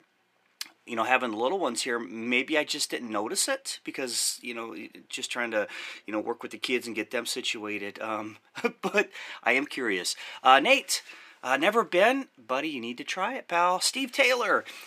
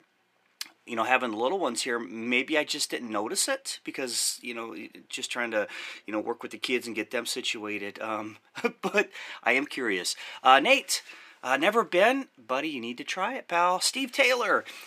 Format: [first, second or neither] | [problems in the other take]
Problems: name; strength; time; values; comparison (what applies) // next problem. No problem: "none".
neither | thin; very slightly; fading below 250 Hz; the same in both